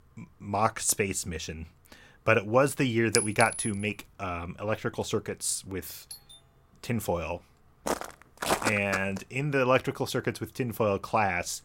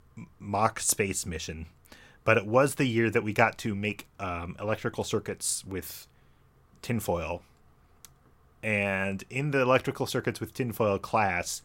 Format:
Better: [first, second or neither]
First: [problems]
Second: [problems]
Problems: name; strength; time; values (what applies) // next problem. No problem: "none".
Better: second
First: clattering dishes; loud; at 3 s; peak level with the speech // doorbell; faint; at 6 s; peak 15 dB below the speech // footsteps; loud; from 8 to 9 s; peak level with the speech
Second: none